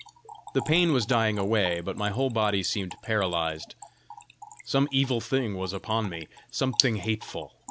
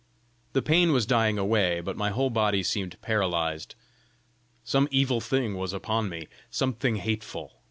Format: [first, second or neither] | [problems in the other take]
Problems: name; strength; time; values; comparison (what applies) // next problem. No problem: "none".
second | background sound (Trickle, dribble / Splash, splatter); 12 dB below the speech